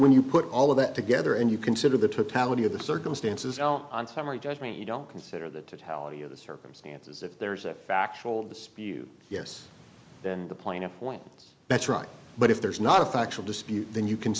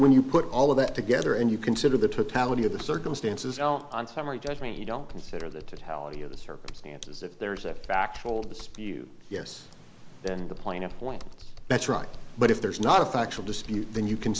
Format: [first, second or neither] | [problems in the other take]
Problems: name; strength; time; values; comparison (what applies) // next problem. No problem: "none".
first | background sound (Computer keyboard); 10 dB below the speech